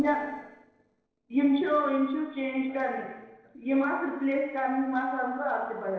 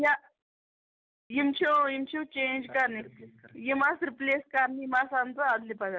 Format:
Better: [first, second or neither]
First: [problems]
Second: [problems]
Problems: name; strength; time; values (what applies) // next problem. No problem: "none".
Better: second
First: noise reduction (neural separator model SepFormer DNS4)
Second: none